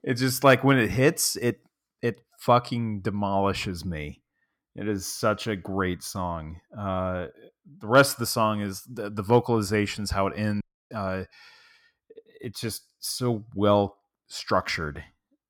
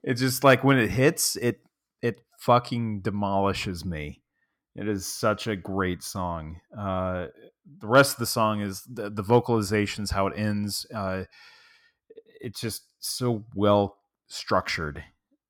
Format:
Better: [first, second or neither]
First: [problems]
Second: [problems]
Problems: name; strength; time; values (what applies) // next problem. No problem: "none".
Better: second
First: audio cutting out; at 11 s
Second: none